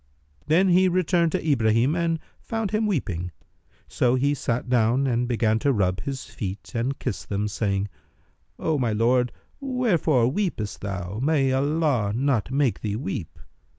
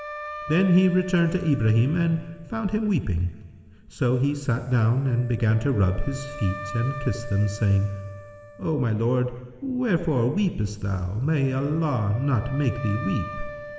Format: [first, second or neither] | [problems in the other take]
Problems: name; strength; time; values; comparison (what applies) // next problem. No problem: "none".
first | background sound (Wind instrument, woodwind instrument); 16 dB below the speech // room echo; dies away in 3 s